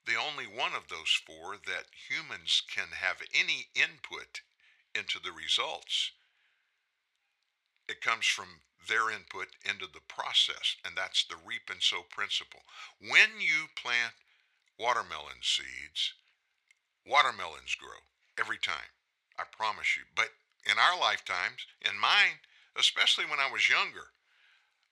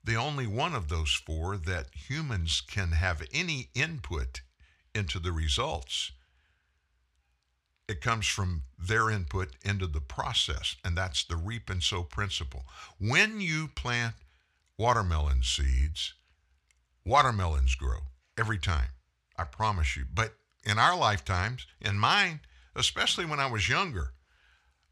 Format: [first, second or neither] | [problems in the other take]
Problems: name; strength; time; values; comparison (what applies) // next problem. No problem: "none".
second | thin; very; fading below 500 Hz